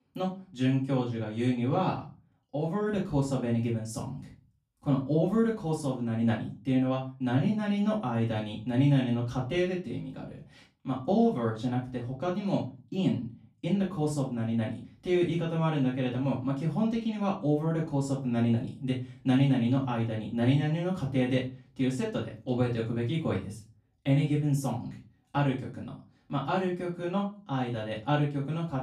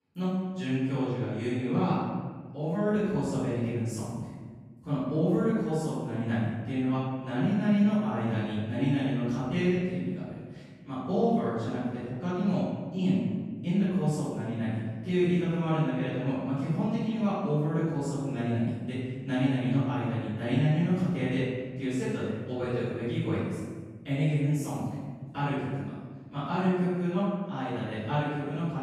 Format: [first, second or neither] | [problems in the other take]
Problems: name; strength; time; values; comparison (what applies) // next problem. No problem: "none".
first | room echo; strong; dies away in 1.4 s; slight in the first // off-mic speech; far; far in the first